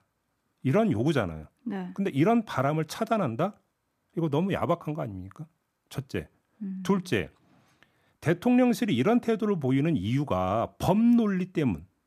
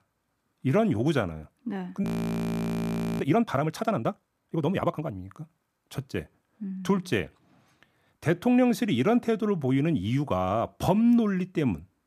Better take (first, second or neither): first